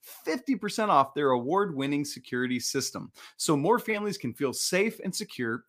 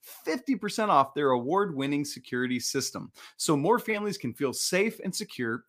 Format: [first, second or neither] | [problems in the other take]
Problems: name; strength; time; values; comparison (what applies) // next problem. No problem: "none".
neither | none